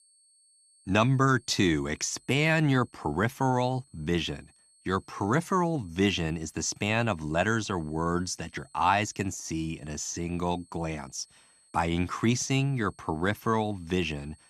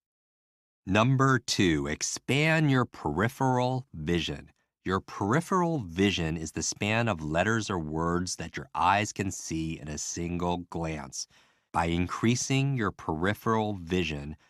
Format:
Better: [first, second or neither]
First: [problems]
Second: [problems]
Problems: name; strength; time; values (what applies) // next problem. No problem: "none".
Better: second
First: high-pitched whine; faint; throughout; 8 kHz, 30 dB below the speech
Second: none